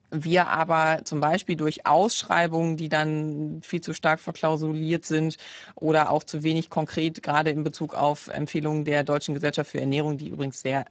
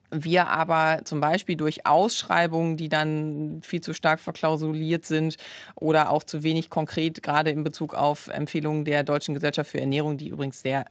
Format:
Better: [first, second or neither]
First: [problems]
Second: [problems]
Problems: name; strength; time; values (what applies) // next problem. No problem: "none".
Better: second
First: garbled, watery; badly; nothing above 7.5 kHz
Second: garbled, watery; slightly; nothing above 7.5 kHz